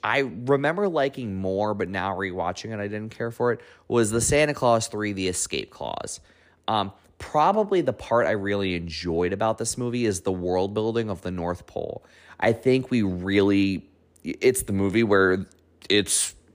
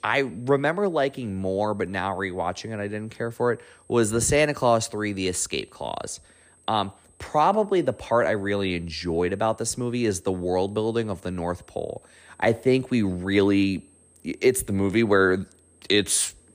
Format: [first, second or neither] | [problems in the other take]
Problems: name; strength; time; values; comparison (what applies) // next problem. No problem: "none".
first | high-pitched whine; faint; throughout; 8.5 kHz, 30 dB below the speech